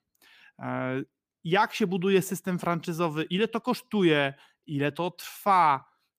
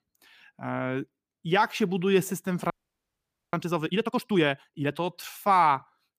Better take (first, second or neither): first